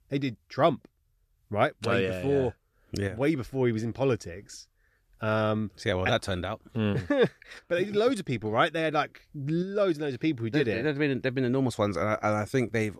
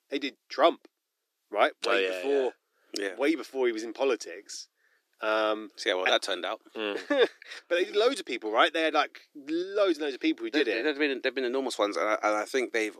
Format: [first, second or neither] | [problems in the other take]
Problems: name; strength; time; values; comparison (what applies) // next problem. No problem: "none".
first | thin; somewhat; fading below 300 Hz